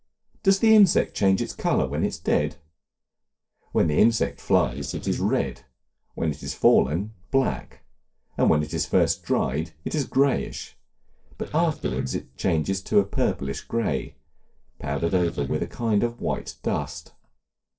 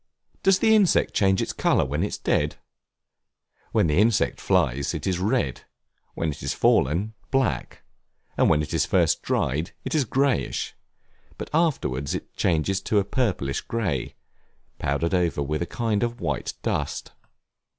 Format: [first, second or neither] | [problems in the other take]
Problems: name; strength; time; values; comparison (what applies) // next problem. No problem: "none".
second | noise reduction (neural separator model SepFormer DNS4)